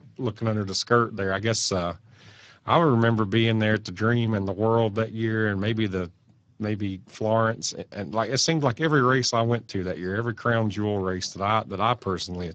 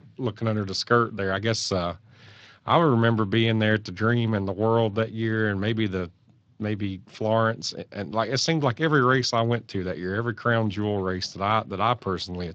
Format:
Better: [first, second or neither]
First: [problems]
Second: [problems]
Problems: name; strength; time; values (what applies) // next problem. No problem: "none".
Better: second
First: garbled, watery; badly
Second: garbled, watery; slightly